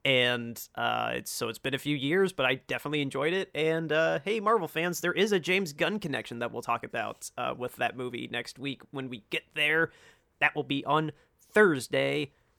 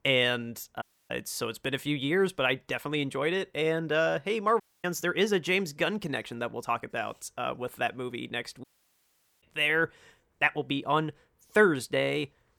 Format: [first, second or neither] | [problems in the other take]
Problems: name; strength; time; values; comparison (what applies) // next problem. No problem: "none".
first | audio cutting out; at 1 s, at 4.5 s and at 8.5 s for 1 s